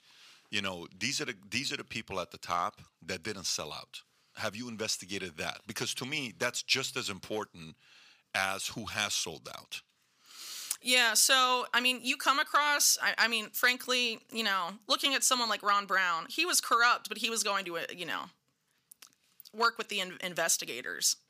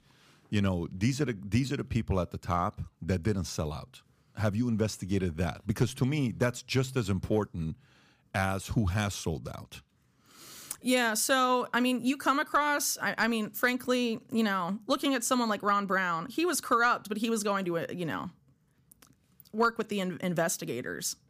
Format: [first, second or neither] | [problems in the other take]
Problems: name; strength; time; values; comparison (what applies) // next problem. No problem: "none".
second | thin; somewhat; fading below 1 kHz